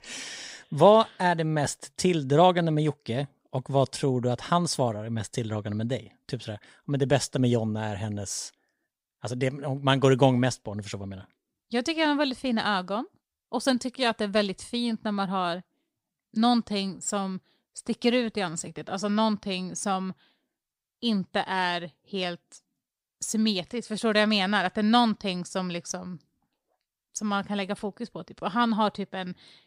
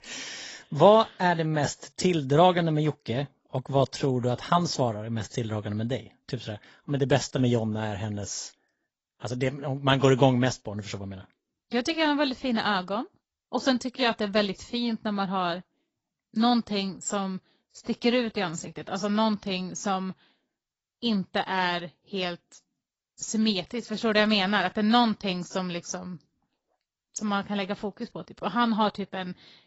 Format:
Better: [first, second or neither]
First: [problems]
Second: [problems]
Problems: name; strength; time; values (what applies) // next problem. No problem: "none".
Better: first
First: none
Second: garbled, watery; badly; nothing above 7.5 kHz